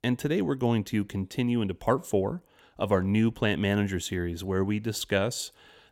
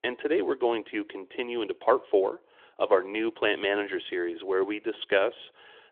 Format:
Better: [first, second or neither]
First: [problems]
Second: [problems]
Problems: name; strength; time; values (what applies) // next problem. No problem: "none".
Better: first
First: none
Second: phone-call audio; nothing above 3.5 kHz